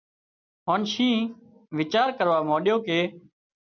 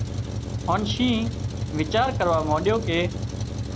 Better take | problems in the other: first | background sound (Truck); 3 dB below the speech

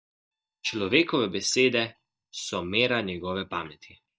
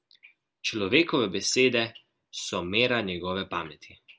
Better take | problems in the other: second | noise reduction (neural mask model DeepFilterNet 3)

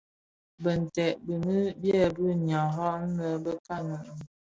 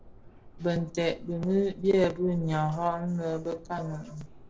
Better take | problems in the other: first | background sound (Subway, metro, underground); 18 dB below the speech // room echo; dies away in 0.3 s

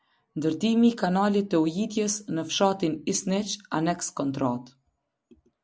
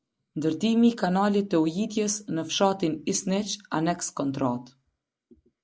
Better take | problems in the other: first | noise reduction (neural mask model Resemble Enhance denoiser)

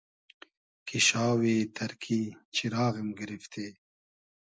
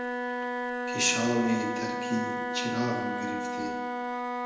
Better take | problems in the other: first | background sound (Wind instrument, woodwind instrument); as loud as the speech // room echo; dies away in 1 s

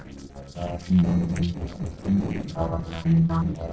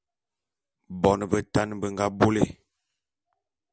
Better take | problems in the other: second | noise reduction (neural separator model SepFormer DNS4)

